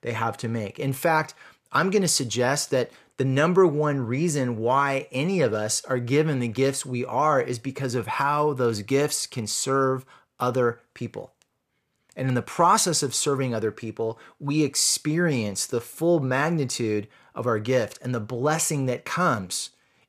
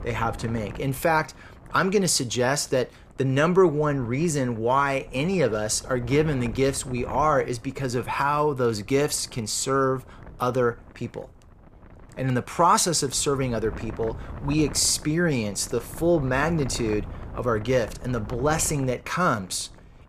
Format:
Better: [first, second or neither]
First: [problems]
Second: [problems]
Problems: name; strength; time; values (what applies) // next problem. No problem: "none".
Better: first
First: none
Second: wind noise on the microphone; occasional gusts; 20 dB below the speech